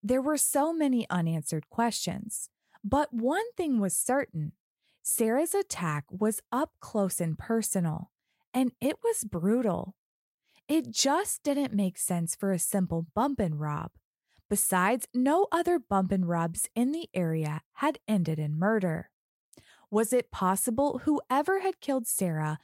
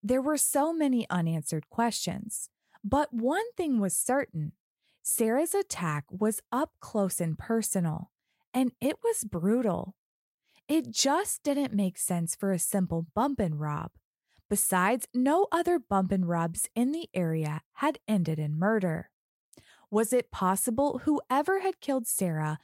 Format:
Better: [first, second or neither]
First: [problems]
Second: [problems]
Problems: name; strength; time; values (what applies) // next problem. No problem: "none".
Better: neither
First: none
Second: none